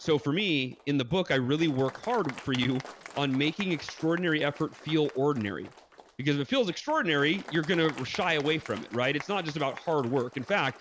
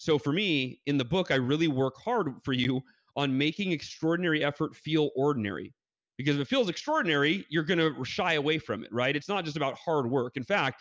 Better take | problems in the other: second | background sound (Applause); 18 dB below the speech

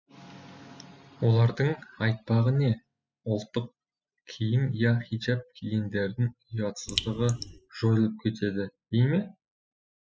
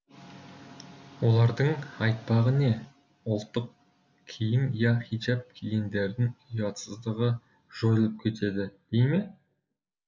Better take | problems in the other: second | noise reduction (classical method spectral subtraction)

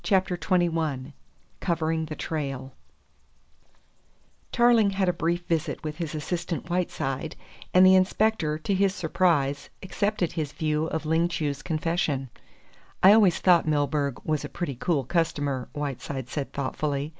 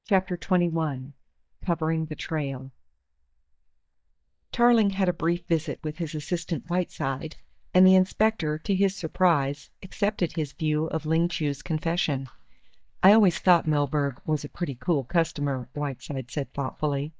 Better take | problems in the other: first | noise reduction (neural mask model DeepFilterNet 3)

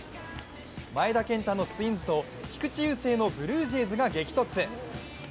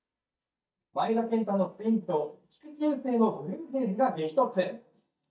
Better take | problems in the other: first | noise reduction (neural mask model DeepFilterNet 3)

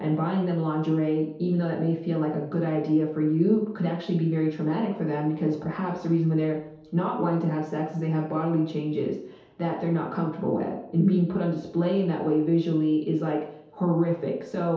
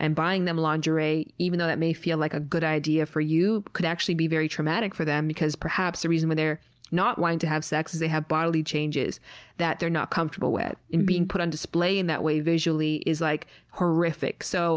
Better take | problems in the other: second | room echo; dies away in 0.8 s

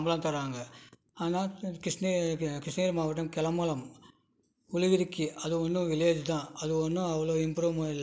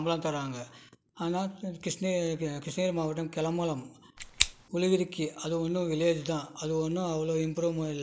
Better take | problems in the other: first | noise reduction (neural mask model Resemble Enhance denoiser)

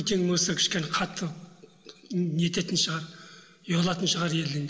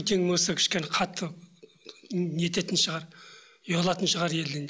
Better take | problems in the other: second | room echo; dies away in 1.5 s

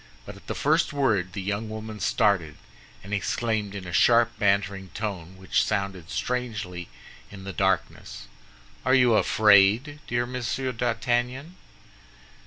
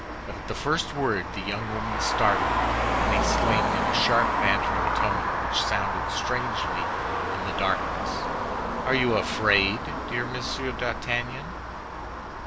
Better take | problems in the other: first | background sound (Traffic noise, roadway noise); 2 dB above the speech

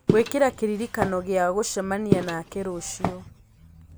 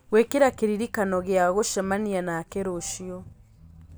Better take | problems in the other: second | background sound (Walk, footsteps); 4 dB below the speech

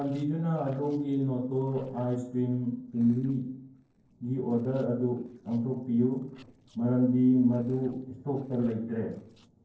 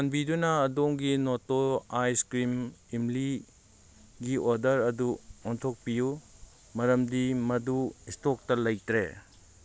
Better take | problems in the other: second | noise reduction (neural separator model SepFormer DNS4)

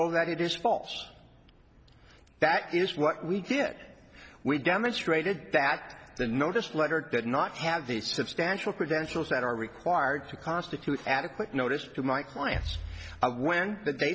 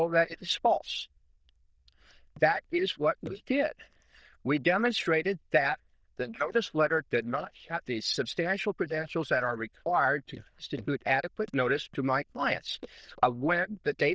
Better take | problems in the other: first | noise reduction (neural diffusion model UNIVERSE++)

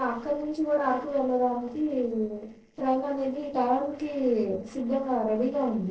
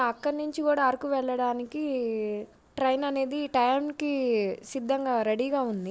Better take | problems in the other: second | noise reduction (neural separator model SepFormer DNS4)

